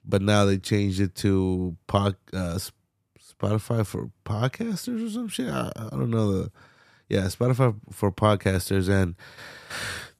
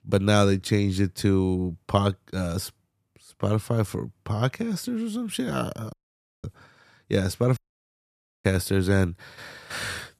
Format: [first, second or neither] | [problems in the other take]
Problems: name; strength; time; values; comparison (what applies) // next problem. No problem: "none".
first | audio cutting out; at 6 s for 0.5 s and at 7.5 s for 1 s